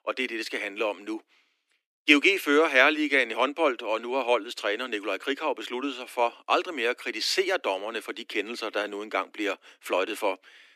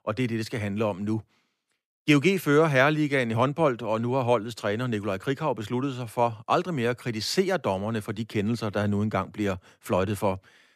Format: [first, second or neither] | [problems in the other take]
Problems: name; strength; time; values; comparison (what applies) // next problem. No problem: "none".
second | thin; somewhat; fading below 300 Hz